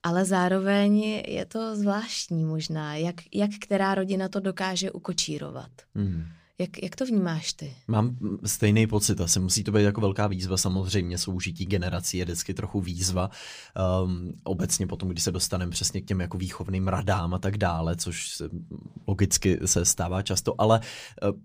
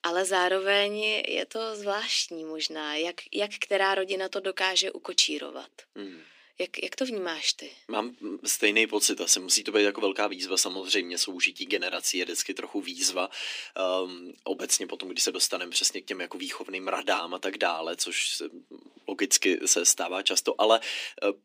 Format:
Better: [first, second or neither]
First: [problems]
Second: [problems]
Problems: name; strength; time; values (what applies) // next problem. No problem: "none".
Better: first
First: none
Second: thin; very; fading below 250 Hz